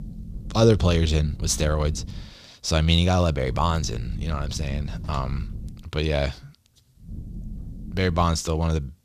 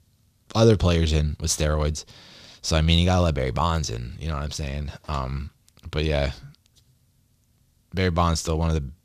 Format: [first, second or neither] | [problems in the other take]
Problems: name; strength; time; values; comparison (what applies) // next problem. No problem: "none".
second | low rumble; faint; until 2 s, from 3.5 to 5.5 s and from 7 to 8.5 s; 20 dB below the speech